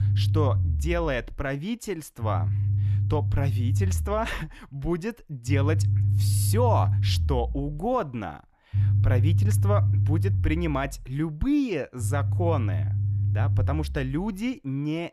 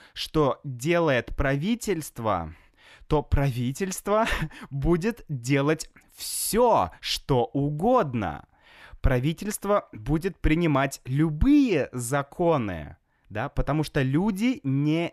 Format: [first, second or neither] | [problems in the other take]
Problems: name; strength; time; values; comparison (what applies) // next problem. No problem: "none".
second | low rumble; loud; throughout; 9 dB below the speech